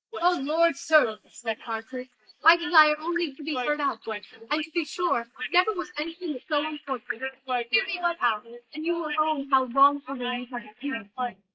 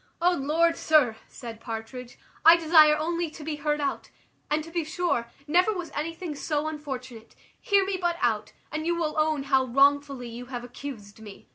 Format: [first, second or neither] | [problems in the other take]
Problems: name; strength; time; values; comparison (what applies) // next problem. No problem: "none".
second | noise reduction (neural mask model Resemble Enhance denoiser)